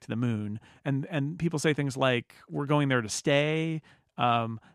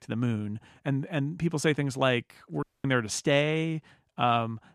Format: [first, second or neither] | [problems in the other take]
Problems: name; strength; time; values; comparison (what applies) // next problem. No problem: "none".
first | audio cutting out; at 2.5 s